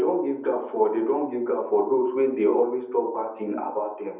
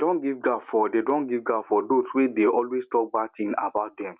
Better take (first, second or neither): second